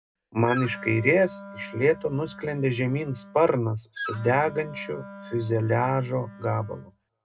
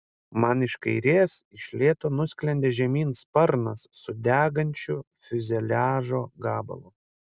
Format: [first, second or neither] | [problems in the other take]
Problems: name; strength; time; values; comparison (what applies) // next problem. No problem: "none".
second | background sound (Wind instrument, woodwind instrument); 15 dB below the speech // room echo; dies away in 0.2 s